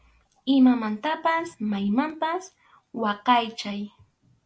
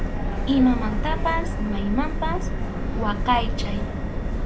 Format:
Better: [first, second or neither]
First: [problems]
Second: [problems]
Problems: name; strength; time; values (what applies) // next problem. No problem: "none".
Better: first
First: none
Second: background sound (Subway, metro, underground); 1 dB above the speech